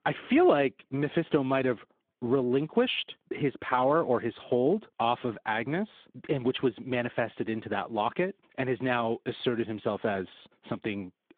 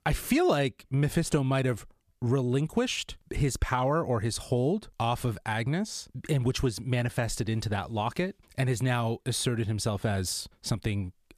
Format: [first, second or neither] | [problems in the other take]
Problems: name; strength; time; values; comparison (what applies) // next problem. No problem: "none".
second | phone-call audio